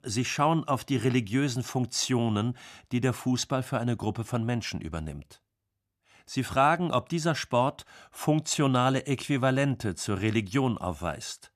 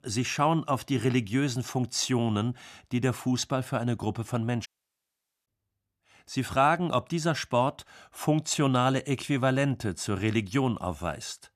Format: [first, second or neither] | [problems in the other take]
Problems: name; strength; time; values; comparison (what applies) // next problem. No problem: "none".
first | audio cutting out; at 4.5 s for 1 s